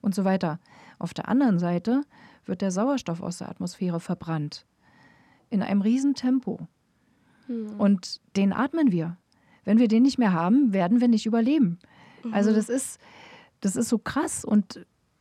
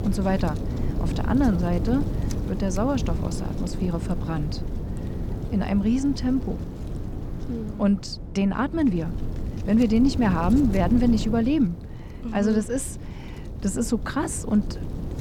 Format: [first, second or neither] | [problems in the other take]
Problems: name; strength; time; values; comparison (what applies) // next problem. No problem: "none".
first | wind noise on the microphone; occasional gusts; 10 dB below the speech